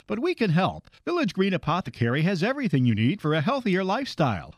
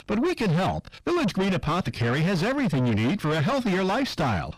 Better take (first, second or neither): first